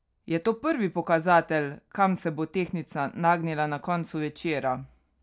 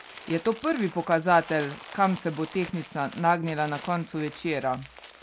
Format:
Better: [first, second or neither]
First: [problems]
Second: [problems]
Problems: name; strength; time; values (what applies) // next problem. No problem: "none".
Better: first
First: none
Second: background sound (Crumpling, crinkling); 18 dB below the speech